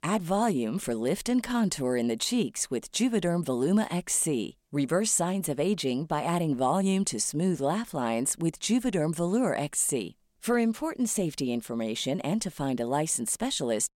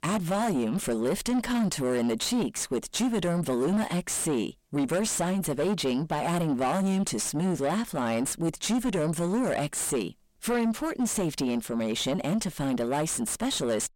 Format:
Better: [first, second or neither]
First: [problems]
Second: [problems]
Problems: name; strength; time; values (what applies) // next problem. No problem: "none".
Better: first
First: none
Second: distortion; heavy; 6 dB below the speech